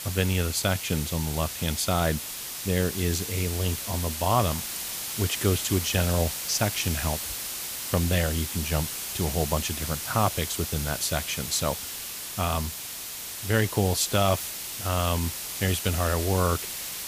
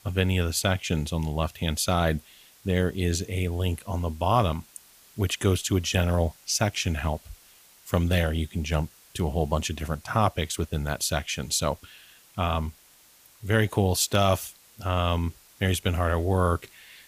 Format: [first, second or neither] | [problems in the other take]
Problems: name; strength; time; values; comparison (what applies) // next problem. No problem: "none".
second | hiss; loud; throughout; 4 dB below the speech; faint in the second